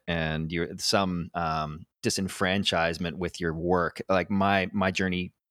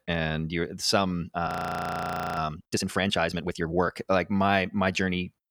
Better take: first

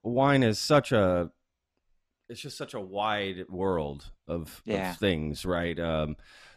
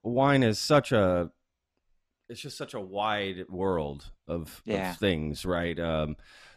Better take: neither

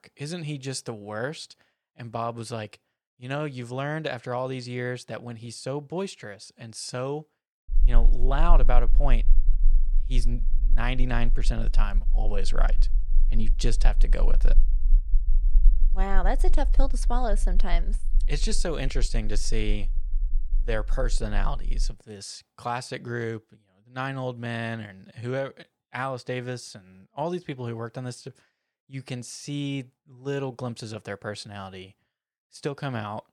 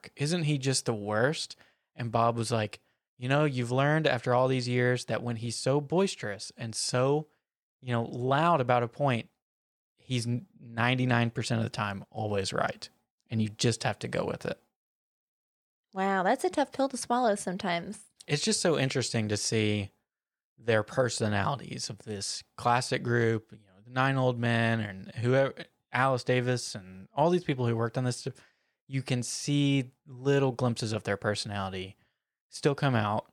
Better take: second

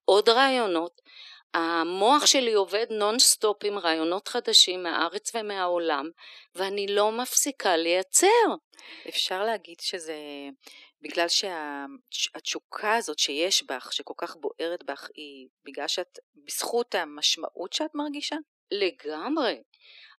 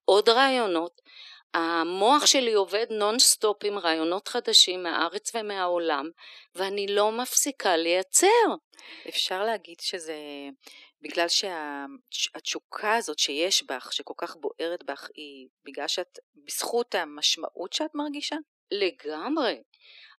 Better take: neither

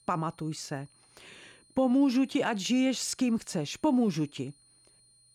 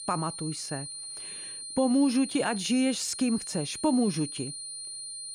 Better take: first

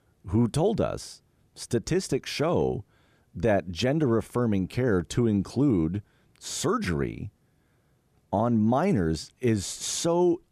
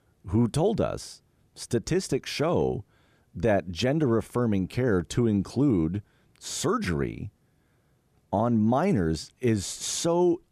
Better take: neither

